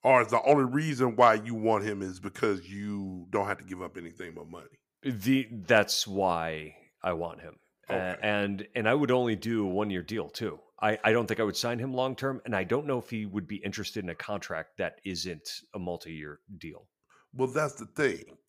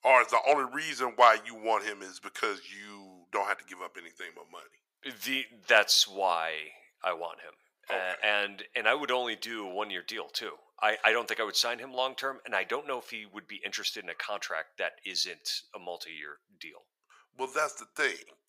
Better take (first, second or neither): first